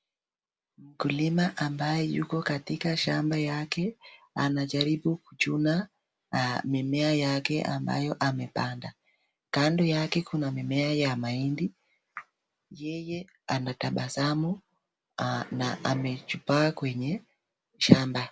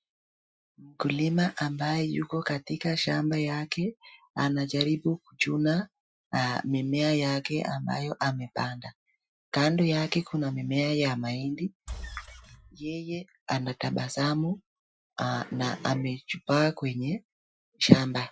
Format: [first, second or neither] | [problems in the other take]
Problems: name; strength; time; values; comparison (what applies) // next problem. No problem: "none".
first | noise reduction (classical method Wiener filter)